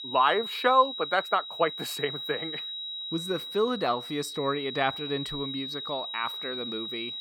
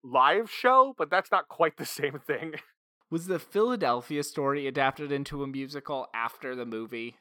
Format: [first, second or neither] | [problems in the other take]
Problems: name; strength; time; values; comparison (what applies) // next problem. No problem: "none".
second | high-pitched whine; loud; throughout; 4 kHz, 6 dB below the speech